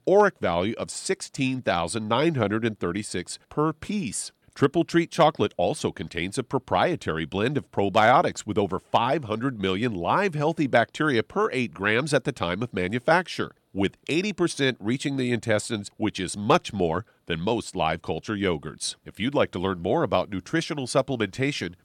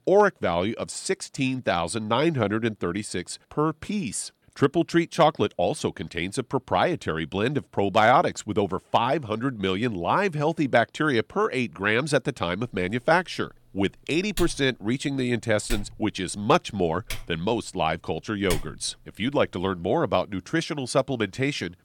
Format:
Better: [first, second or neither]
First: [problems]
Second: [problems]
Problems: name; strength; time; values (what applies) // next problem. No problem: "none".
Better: first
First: none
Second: keyboard typing; noticeable; from 14 to 19 s; peak 8 dB below the speech